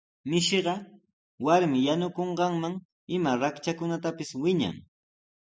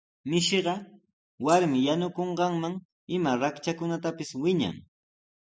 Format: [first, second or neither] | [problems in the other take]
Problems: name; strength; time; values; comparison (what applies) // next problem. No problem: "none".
first | background sound (Rattle (instrument)); 15 dB below the speech